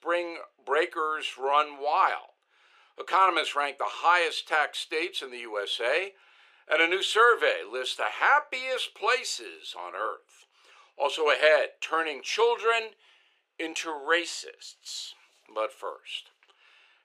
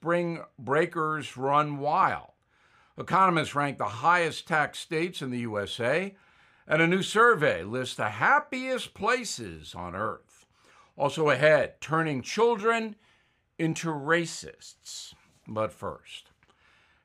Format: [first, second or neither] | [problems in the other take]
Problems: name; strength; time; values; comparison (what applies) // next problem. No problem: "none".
second | thin; very; fading below 400 Hz